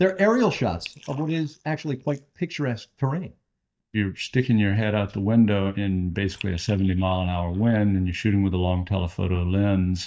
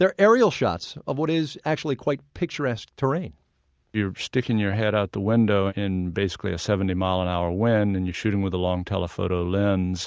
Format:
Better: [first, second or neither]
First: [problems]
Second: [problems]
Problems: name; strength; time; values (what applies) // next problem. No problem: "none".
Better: second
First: noise reduction (neural mask model DeepFilterNet 3)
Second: none